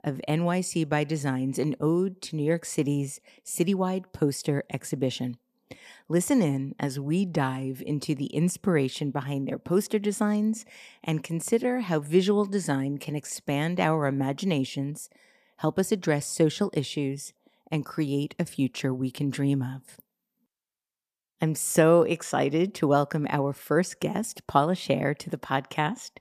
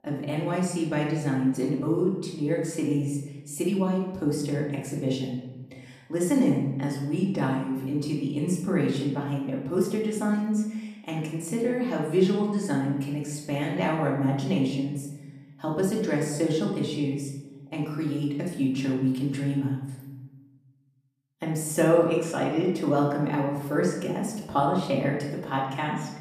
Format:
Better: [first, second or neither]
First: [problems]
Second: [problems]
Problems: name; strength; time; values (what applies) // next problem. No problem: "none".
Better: first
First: none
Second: off-mic speech; far // room echo; noticeable; dies away in 0.9 s